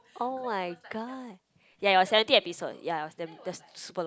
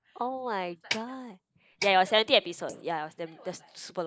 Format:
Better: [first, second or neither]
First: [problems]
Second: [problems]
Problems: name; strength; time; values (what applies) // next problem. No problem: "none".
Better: first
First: none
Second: noise reduction (neural mask model Resemble Enhance denoiser)